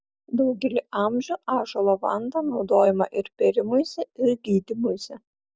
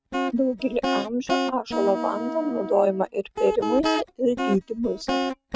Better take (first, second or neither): first